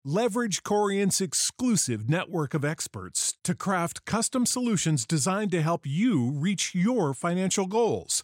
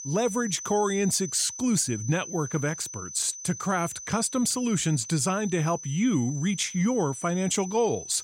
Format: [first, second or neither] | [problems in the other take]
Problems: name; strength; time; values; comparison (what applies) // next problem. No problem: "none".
first | high-pitched whine; noticeable; throughout; 6 kHz, 10 dB below the speech